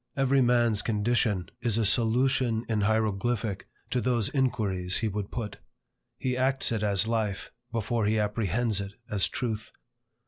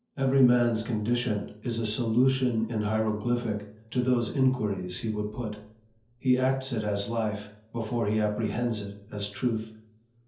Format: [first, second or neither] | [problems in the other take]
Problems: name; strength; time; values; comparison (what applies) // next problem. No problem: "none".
first | room echo; dies away in 0.5 s